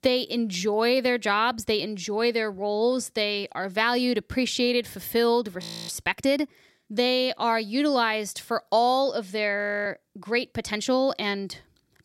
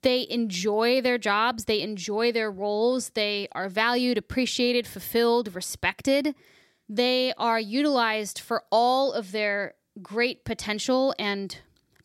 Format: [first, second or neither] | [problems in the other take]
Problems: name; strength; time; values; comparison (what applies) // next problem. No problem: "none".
second | audio freezing; at 5.5 s and at 9.5 s